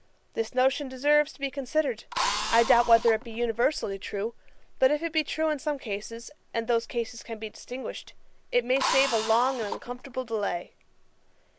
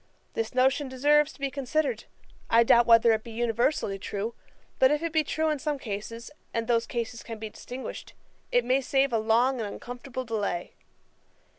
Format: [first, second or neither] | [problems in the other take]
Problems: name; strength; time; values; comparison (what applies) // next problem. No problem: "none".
second | background sound (Drill); 5 dB below the speech